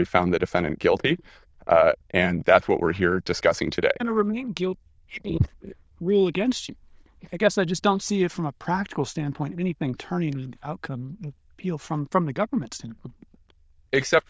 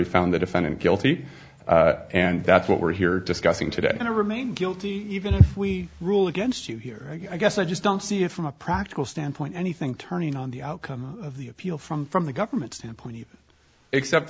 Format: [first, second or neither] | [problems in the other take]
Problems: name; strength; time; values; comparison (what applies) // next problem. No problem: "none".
second | noise reduction (neural diffusion model UNIVERSE++)